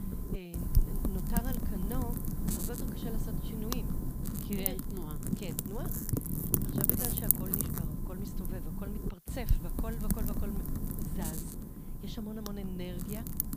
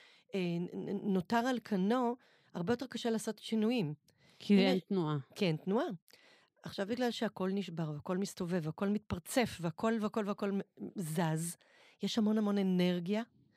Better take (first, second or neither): second